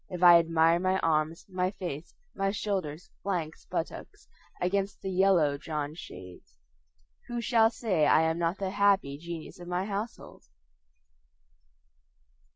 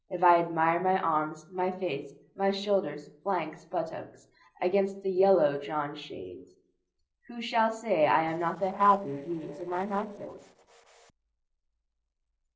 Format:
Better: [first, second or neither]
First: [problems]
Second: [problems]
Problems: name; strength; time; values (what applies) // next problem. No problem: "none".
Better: first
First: none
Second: noise reduction (neural separator model SepFormer DNS4)